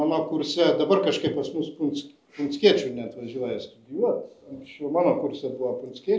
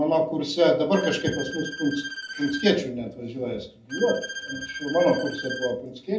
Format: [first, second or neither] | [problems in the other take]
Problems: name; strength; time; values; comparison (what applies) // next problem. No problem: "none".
first | background sound (Bowed string instrument); 10 dB below the speech // room echo; dies away in 0.4 s